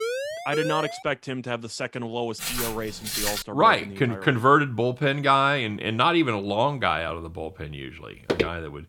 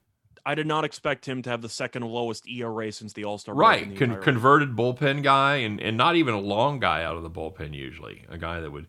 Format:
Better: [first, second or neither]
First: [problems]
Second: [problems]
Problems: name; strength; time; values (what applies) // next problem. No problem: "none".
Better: second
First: siren; noticeable; until 1 s; peak 5 dB below the speech // footsteps; noticeable; from 2.5 to 3.5 s and at 8.5 s; peak 2 dB below the speech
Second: none